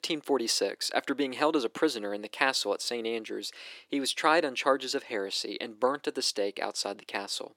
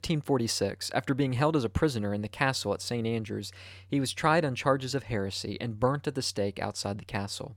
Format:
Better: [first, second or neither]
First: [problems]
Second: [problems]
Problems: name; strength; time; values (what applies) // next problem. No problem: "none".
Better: second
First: thin; somewhat; fading below 300 Hz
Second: none